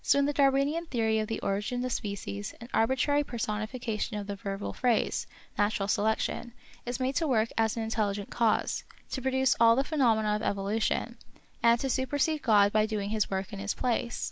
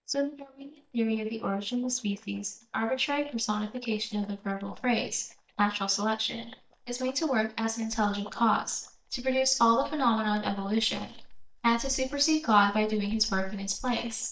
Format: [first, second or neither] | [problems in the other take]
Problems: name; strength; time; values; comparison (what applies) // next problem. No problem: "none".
first | noise reduction (neural mask model DeepFilterNet 3)